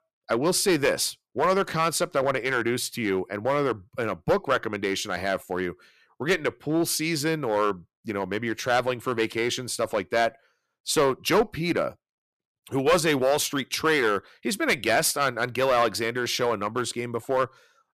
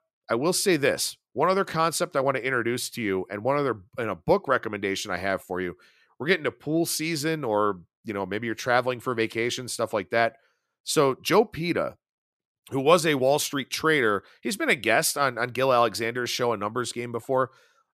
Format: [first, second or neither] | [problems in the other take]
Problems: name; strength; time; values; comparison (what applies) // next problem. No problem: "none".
second | distortion; slight; 4% of the sound clipped